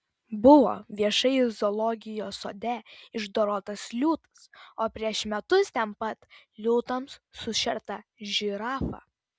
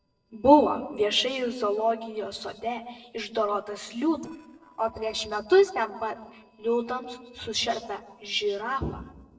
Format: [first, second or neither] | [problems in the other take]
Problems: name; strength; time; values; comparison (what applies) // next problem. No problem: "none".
first | noise reduction (neural separator model SepFormer DNS4)